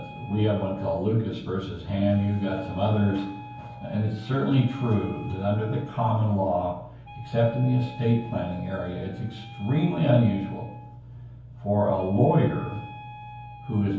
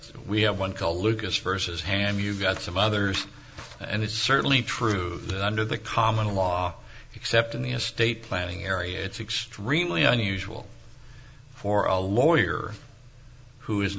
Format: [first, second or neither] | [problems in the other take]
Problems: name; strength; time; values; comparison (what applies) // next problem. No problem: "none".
second | background sound (Wind instrument, woodwind instrument); 19 dB below the speech // room echo; dies away in 0.9 s